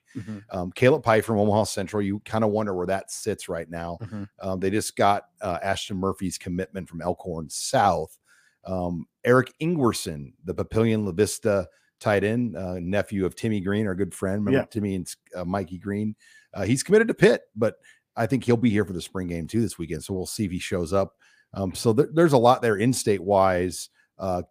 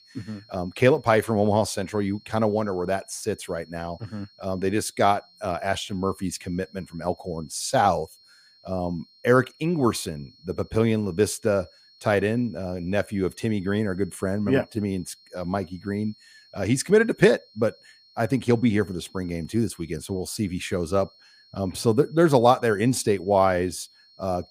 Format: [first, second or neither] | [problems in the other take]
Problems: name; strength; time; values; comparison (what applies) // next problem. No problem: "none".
first | high-pitched whine; faint; throughout; 4.5 kHz, 30 dB below the speech